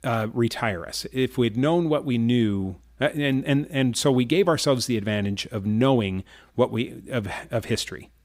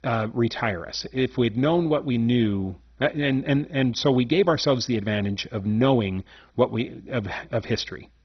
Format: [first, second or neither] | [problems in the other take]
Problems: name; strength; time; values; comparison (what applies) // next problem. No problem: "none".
first | garbled, watery; badly; nothing above 6 kHz